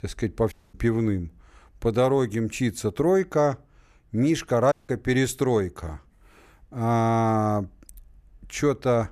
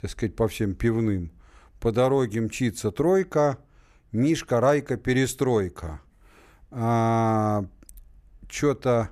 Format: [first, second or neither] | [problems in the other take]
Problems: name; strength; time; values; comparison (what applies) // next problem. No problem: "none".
second | audio cutting out; at 0.5 s and at 4.5 s